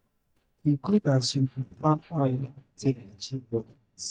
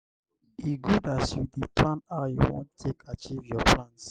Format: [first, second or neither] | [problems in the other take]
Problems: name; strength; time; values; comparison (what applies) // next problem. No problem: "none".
second | noise reduction (neural mask model DeepFilterNet 3)